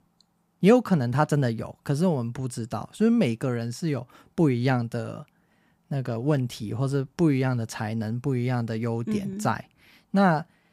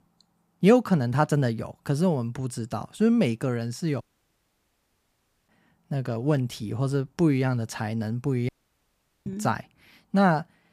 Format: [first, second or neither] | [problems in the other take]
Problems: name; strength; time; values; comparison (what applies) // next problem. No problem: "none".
first | audio cutting out; at 4 s for 1.5 s and at 8.5 s for 1 s